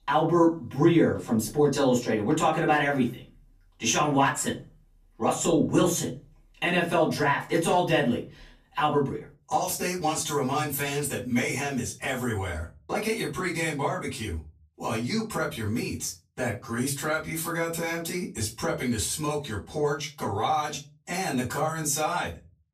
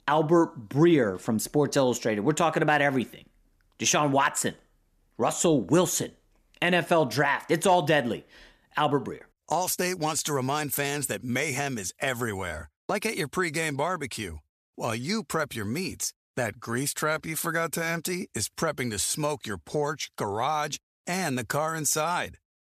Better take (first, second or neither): second